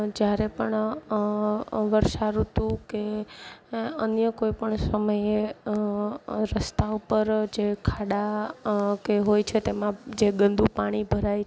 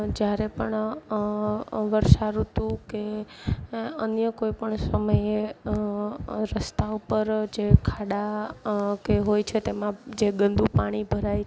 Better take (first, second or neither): first